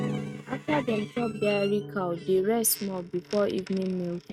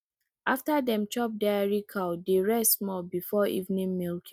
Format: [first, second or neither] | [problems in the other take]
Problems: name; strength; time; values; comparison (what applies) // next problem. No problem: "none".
second | noise reduction (neural mask model RNNoise)